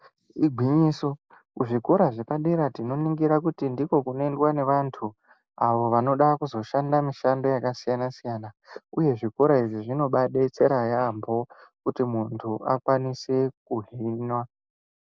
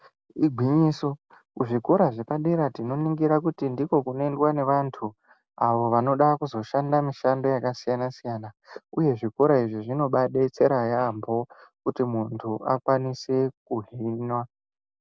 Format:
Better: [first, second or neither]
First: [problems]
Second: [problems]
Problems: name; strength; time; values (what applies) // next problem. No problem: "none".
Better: second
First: noise reduction (neural mask model Resemble Enhance denoiser)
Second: none